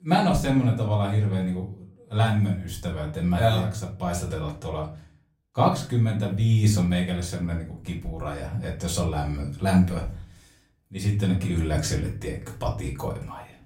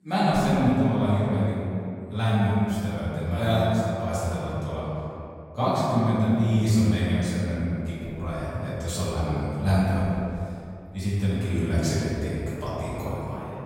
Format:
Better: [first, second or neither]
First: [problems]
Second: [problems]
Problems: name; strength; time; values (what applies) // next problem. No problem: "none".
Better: first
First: room echo; slight; dies away in 0.4 s // off-mic speech; far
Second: room echo; strong; dies away in 2.4 s // off-mic speech; far